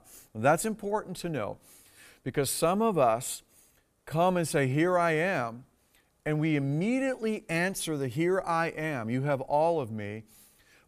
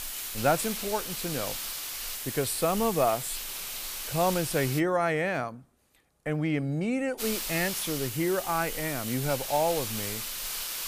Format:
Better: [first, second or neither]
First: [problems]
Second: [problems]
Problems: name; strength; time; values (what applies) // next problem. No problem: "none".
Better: first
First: none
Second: hiss; loud; until 5 s and from 7 s on; 4 dB below the speech